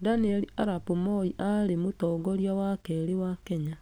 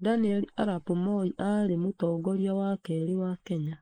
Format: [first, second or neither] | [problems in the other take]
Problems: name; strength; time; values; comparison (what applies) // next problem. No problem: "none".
first | noise reduction (neural mask model Resemble Enhance denoiser)